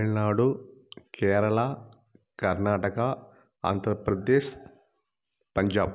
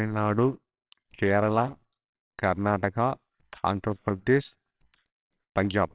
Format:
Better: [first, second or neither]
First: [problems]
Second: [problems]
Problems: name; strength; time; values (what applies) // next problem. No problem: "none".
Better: first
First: none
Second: noise reduction (neural separator model SepFormer WHAMR!)